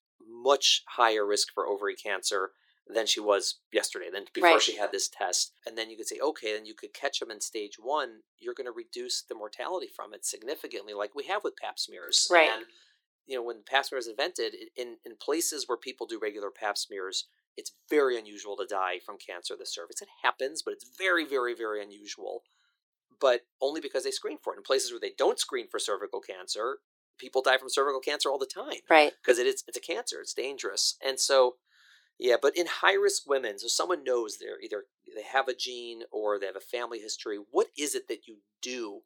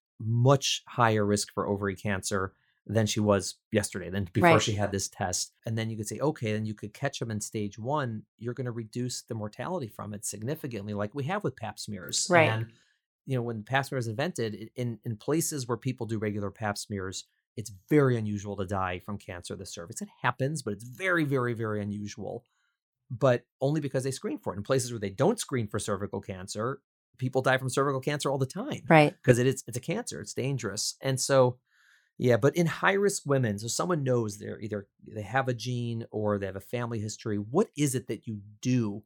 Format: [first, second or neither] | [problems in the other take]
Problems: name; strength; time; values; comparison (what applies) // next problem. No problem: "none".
second | thin; very; fading below 350 Hz